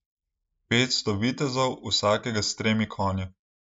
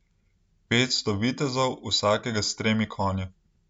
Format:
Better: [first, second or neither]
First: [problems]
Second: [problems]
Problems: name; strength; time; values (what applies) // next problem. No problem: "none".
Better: second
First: noise reduction (neural mask model Resemble Enhance denoiser)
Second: none